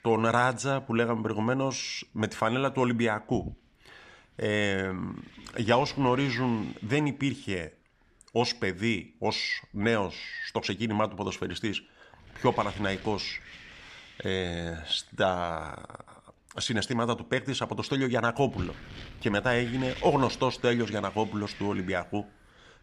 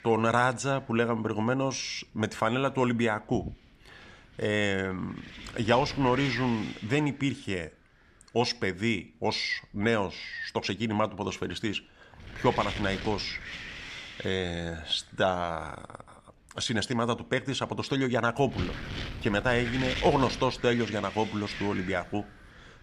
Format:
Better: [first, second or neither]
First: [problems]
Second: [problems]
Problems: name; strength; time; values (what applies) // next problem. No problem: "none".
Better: first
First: wind noise on the microphone; occasional gusts; 15 dB below the speech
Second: wind noise on the microphone; heavy; 9 dB below the speech